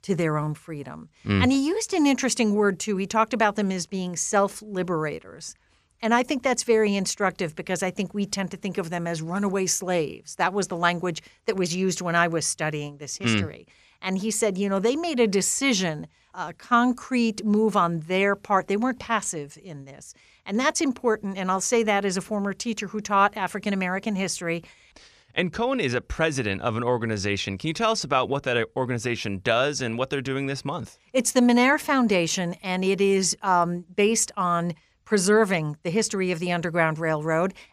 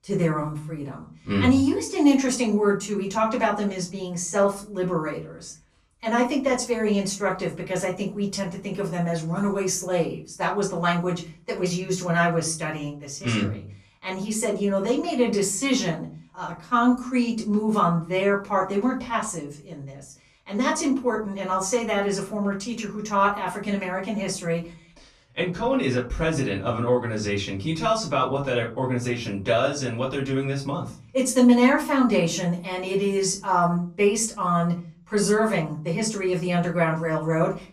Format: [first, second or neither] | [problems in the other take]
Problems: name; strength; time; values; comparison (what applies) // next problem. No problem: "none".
first | room echo; slight; dies away in 0.3 s // off-mic speech; far